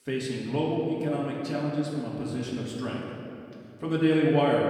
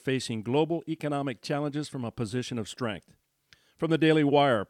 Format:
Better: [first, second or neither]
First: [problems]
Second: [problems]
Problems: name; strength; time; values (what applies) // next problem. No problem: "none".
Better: second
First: off-mic speech; far // room echo; noticeable; dies away in 2.4 s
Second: none